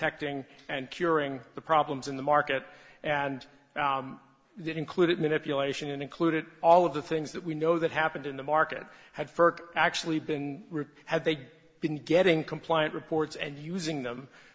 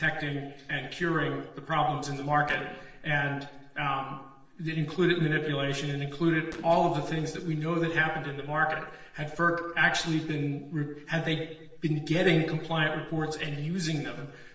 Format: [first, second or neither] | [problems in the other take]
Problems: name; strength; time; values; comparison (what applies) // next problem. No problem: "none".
first | noise reduction (neural separator model SepFormer DNS4)